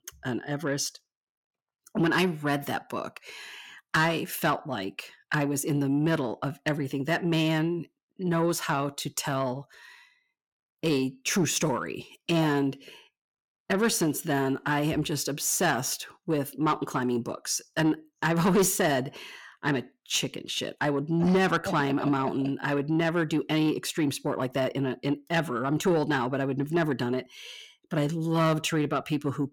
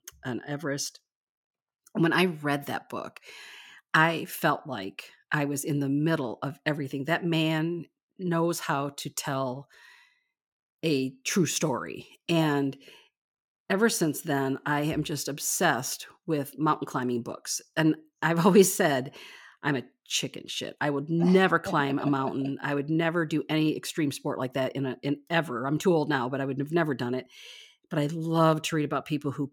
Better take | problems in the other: second | distortion; slight; 10 dB below the speech

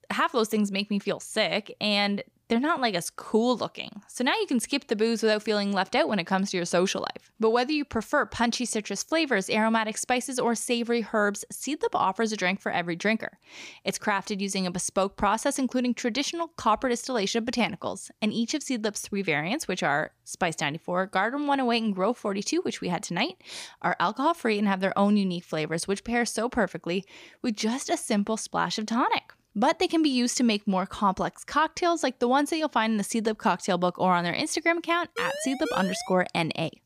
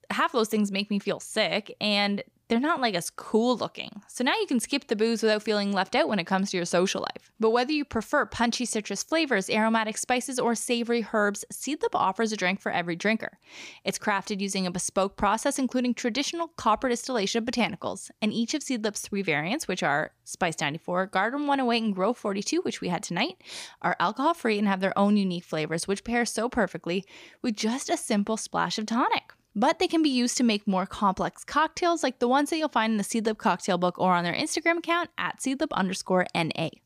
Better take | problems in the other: second | siren; noticeable; at 35 s; peak 7 dB below the speech

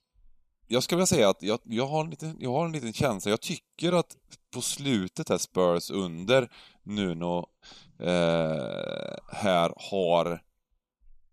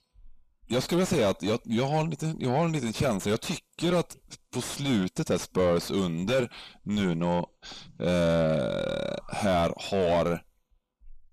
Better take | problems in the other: first | distortion; heavy; 6 dB below the speech

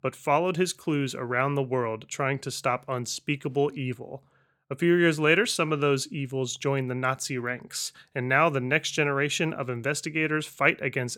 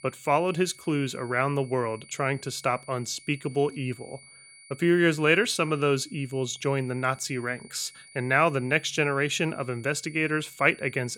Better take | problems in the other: first | high-pitched whine; faint; throughout; 2 kHz, 20 dB below the speech

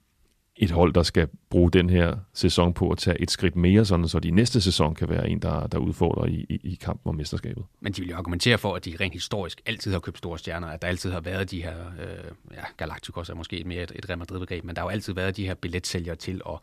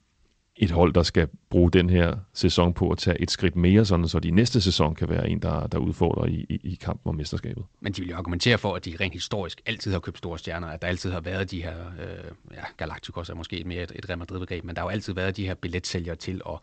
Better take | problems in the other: first | garbled, watery; slightly; nothing above 8 kHz

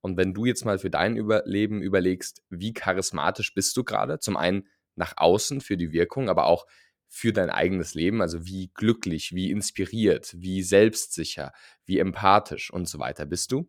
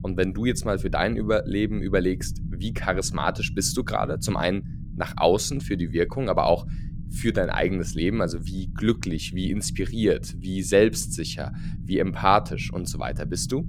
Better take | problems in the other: first | low rumble; faint; throughout; 20 dB below the speech

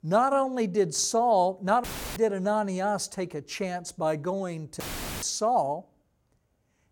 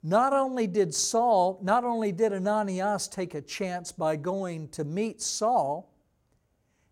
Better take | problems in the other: second | audio cutting out; filled with static; at 2 s and at 5 s

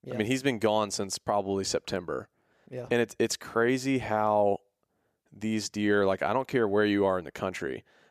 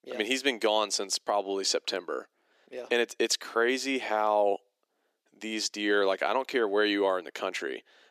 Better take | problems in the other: first | thin; very slightly; fading below 300 Hz

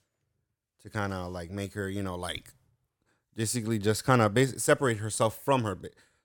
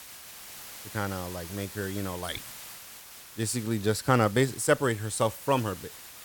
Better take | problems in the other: first | hiss; noticeable; throughout; 15 dB below the speech

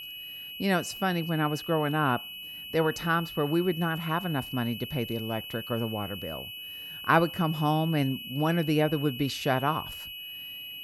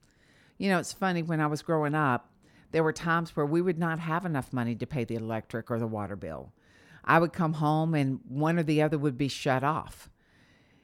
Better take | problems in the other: second | high-pitched whine; loud; throughout; 3 kHz, 9 dB below the speech

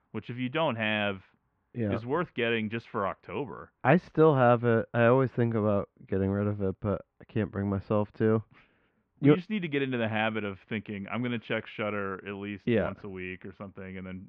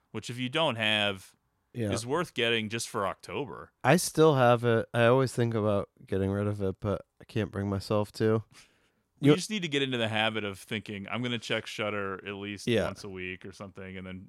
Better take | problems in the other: second | muffled; very; fading above 2.5 kHz

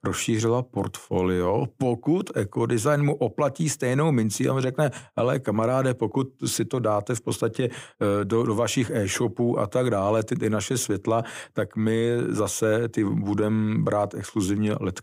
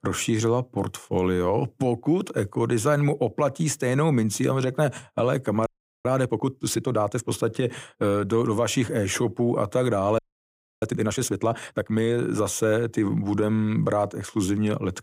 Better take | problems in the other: first | audio freezing; at 5.5 s and at 10 s for 0.5 s

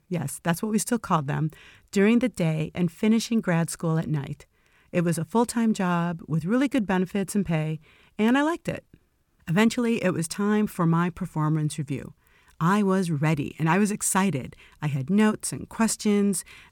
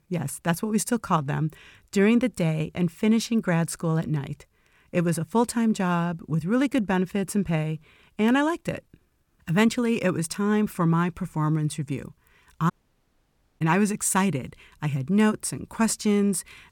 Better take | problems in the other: first | audio cutting out; at 13 s for 1 s

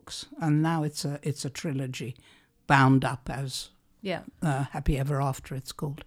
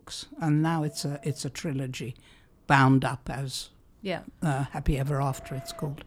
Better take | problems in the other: first | wind noise on the microphone; occasional gusts; 20 dB below the speech

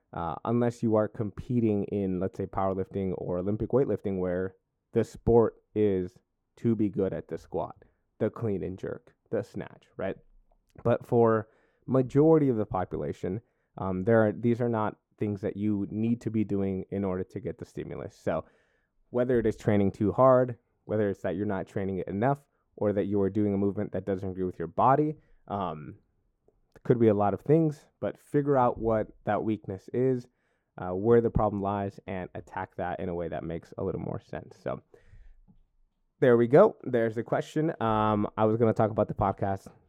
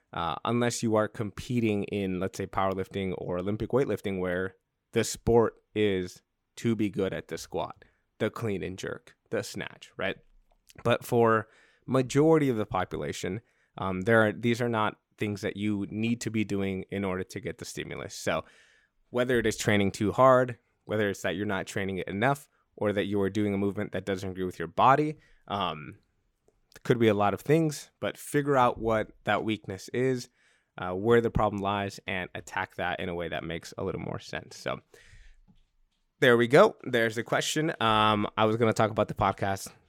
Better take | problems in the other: second | muffled; very; fading above 1.5 kHz

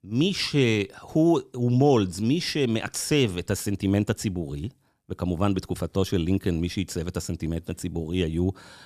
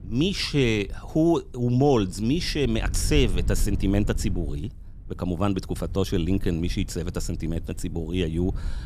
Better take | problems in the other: first | low rumble; faint; throughout; 20 dB below the speech

